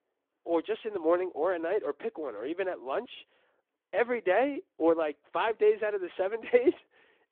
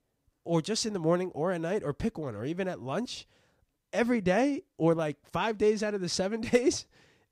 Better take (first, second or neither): second